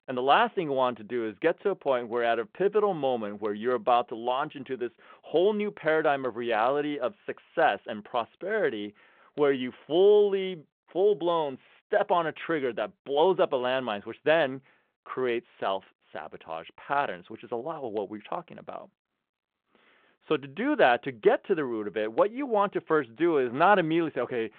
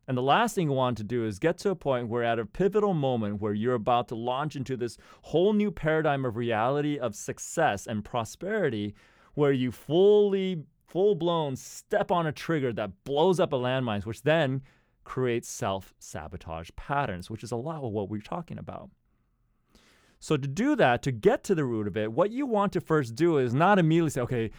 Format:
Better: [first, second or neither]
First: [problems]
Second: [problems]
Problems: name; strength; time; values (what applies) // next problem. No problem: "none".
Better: second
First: phone-call audio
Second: none